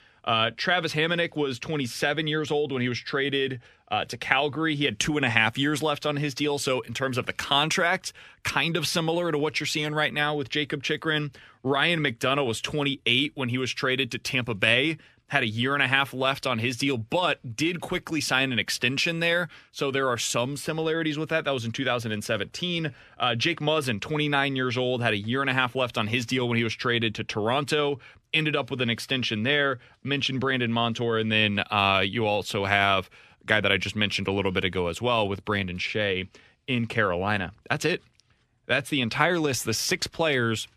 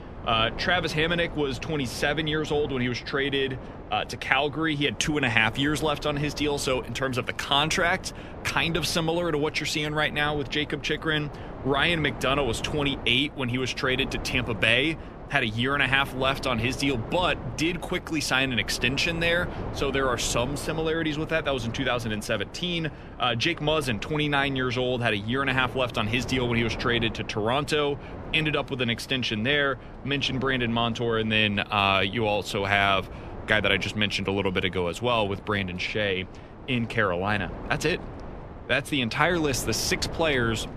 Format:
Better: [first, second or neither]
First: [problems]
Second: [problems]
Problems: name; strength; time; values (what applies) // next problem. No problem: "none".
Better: first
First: none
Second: wind noise on the microphone; occasional gusts; 15 dB below the speech